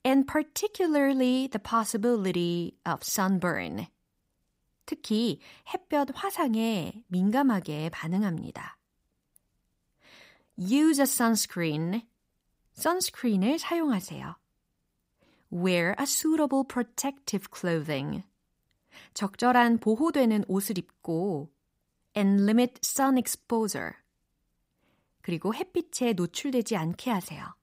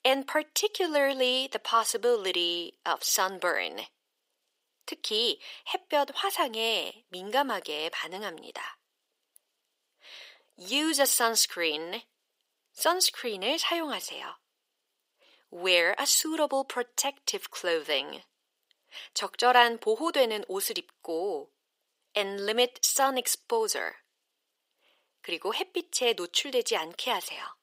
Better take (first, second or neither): first